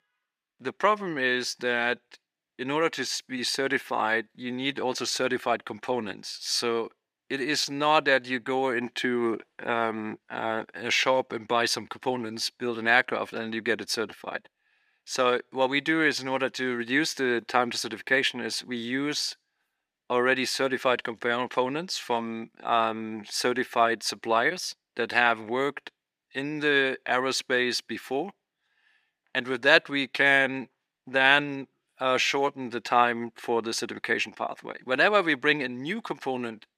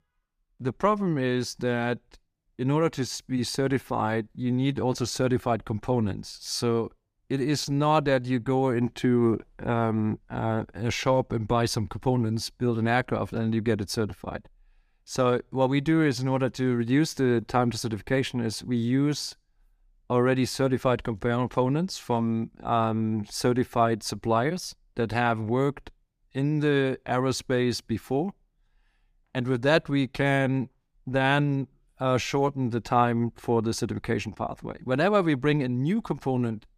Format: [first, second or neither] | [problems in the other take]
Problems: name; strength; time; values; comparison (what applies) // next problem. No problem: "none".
second | thin; somewhat; fading below 350 Hz